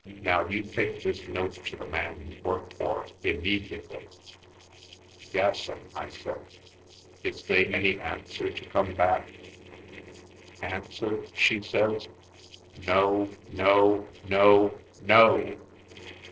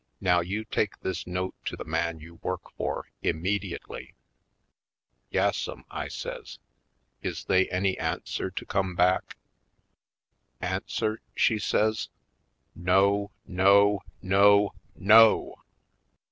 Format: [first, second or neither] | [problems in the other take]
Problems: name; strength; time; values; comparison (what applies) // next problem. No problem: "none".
second | noise reduction (neural separator model SepFormer DNS4)